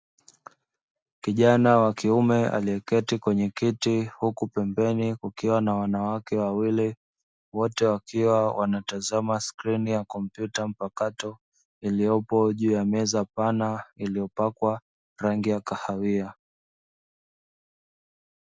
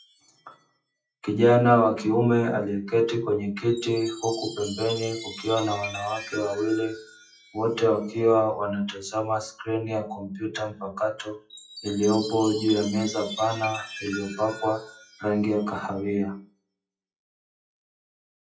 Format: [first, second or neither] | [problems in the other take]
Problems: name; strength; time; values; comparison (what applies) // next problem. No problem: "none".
first | noise reduction (classical method WPE with log-MMSE)